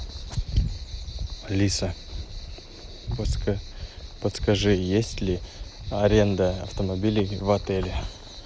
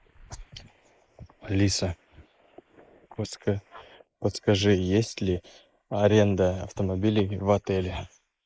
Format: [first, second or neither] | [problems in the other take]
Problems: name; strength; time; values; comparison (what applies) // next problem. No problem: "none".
first | noise reduction (neural mask model Resemble Enhance denoiser)